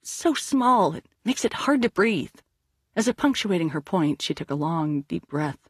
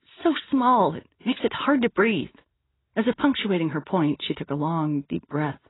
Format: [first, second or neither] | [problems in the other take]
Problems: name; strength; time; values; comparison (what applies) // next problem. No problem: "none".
first | garbled, watery; badly; nothing above 4 kHz; slightly in the first